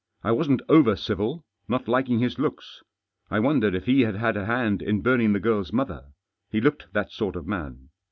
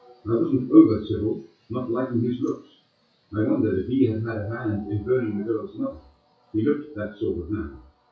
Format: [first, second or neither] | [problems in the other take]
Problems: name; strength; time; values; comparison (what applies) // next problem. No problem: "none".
first | noise reduction (classical method WPE with log-MMSE)